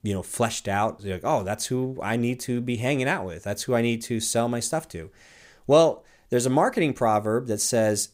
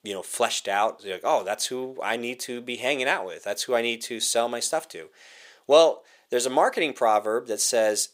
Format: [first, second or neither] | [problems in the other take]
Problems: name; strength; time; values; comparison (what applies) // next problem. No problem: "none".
first | thin; somewhat; fading below 500 Hz